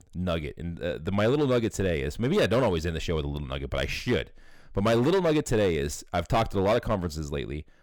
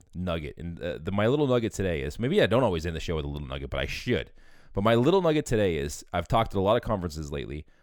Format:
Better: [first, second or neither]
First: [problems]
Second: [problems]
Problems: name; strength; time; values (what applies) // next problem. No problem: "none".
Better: second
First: distortion; slight; 6% of the sound clipped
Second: none